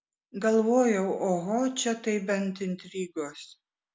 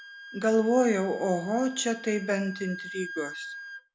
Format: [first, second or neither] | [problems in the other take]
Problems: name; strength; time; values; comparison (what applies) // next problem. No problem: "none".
first | background sound (Wind instrument, woodwind instrument); 14 dB below the speech